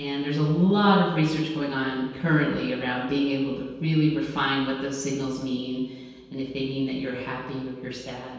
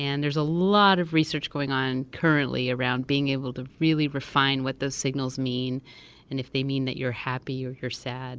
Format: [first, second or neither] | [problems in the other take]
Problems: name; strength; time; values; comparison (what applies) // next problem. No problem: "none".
second | room echo; dies away in 1.2 s